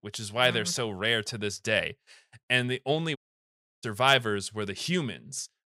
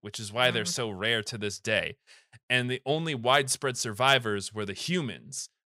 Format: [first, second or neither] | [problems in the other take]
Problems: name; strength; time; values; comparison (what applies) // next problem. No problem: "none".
second | audio cutting out; at 3 s for 0.5 s